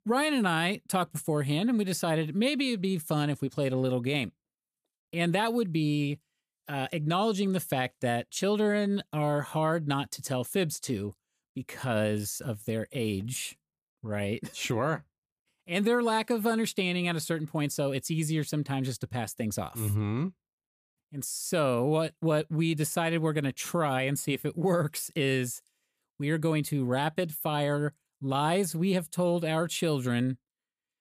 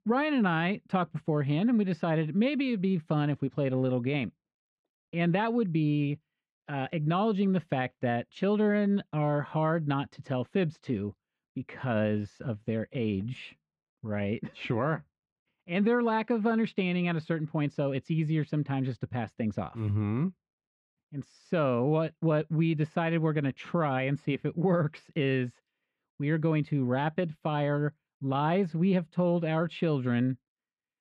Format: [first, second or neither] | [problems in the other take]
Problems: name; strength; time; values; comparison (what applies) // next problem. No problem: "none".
first | muffled; very; fading above 2.5 kHz